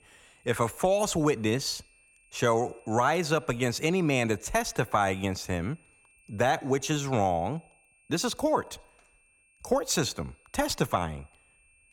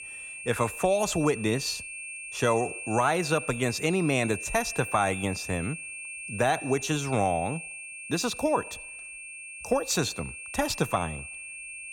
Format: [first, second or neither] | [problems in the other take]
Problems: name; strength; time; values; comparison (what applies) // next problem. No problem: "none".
first | high-pitched whine; loud; throughout; 2.5 kHz, 9 dB below the speech; faint in the first